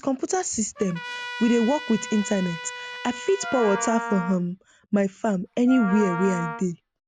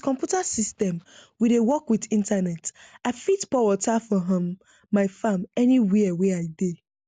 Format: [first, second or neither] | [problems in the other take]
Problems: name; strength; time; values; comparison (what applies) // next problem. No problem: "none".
second | background sound (Wind instrument, woodwind instrument + Trumpet); 9 dB below the speech